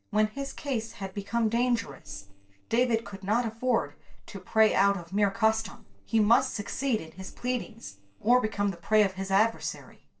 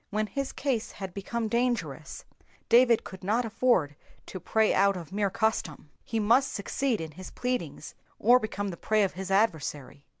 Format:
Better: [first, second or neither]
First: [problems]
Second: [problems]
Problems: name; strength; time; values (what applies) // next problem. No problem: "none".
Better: second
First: noise reduction (neural separator model SepFormer DNS4)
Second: none